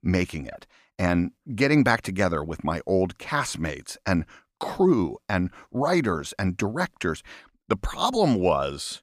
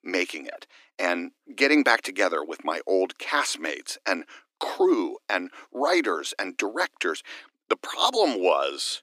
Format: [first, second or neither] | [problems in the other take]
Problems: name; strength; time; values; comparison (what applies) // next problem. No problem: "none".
first | thin; somewhat; fading below 300 Hz